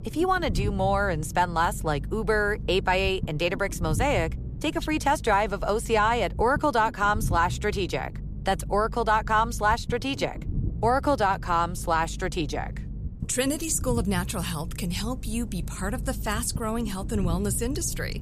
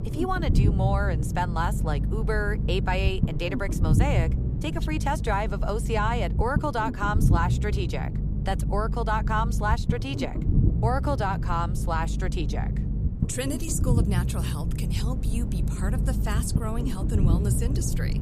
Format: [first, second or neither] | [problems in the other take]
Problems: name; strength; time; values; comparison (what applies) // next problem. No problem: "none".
first | low rumble; loud; throughout; 8 dB below the speech; faint in the first